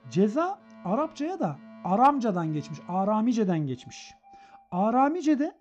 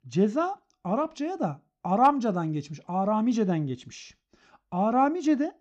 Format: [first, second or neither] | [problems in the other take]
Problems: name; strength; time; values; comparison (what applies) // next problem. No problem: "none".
second | alarms or sirens; faint; throughout; 25 dB below the speech